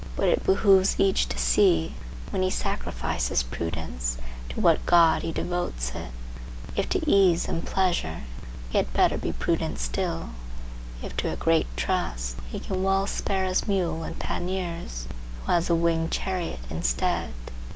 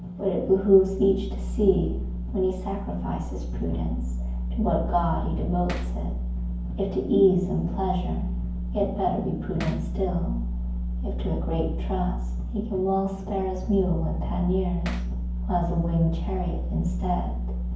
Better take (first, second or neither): first